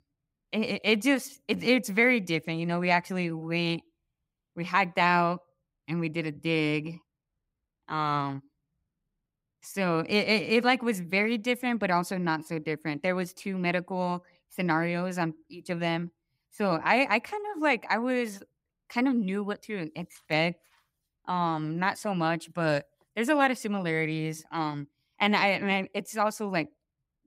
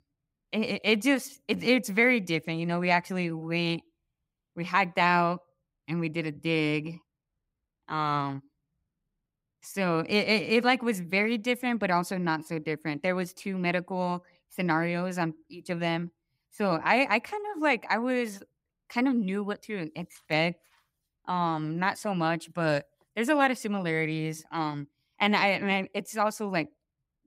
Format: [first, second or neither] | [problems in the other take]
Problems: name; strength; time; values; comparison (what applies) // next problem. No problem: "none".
neither | none